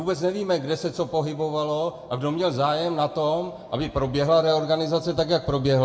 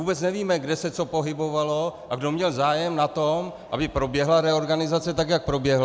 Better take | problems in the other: second | room echo; dies away in 0.5 s

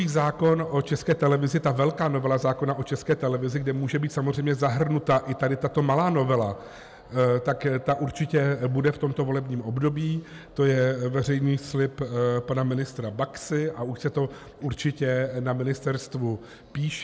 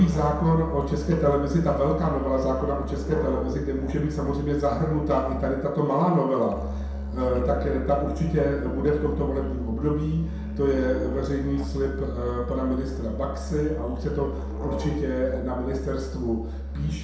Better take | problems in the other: first | background sound (Musical instrument); 6 dB below the speech // room echo; dies away in 0.7 s

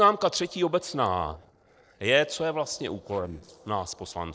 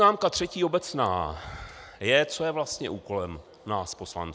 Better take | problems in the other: second | noise reduction (neural separator model SepFormer DNS4)

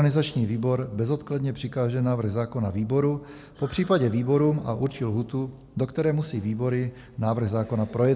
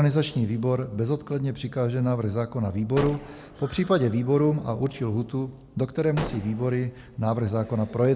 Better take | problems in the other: first | background sound (Gunshot, gunfire); 12 dB below the speech

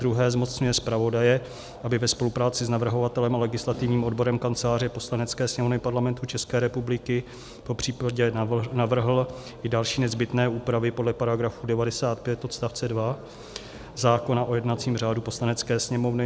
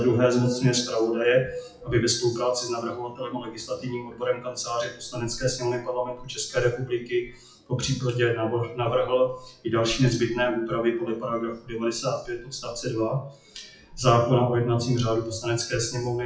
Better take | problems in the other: first | noise reduction (classical method WPE with log-MMSE)

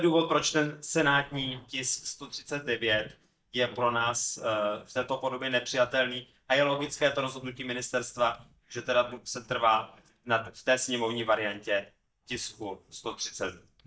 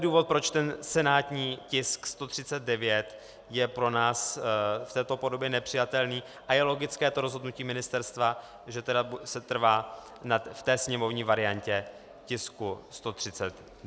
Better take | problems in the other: second | noise reduction (neural mask model DeepFilterNet 3)

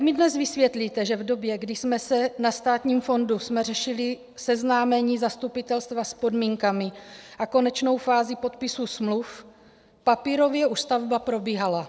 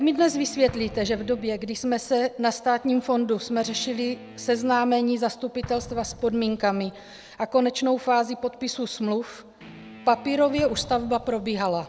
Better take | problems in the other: first | background sound (Explosion + Guitar); 19 dB below the speech

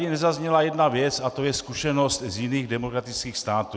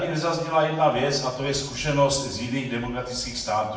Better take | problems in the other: first | room echo; dies away in 0.6 s

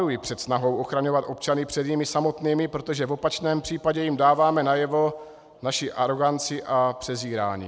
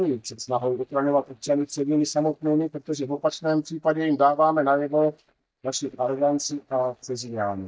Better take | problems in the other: first | noise reduction (neural mask model DeepFilterNet 3)

